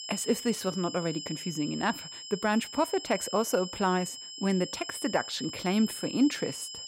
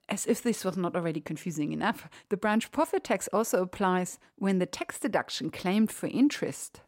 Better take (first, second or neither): second